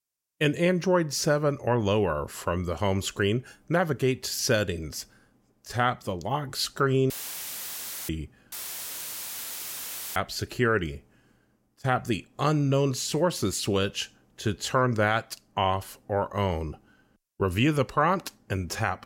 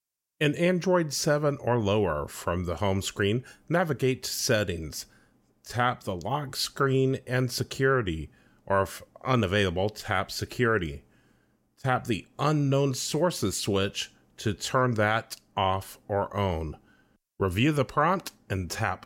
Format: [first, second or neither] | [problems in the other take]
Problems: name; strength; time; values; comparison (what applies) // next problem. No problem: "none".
second | audio cutting out; filled with static; at 7 s for 1 s and at 8.5 s for 1.5 s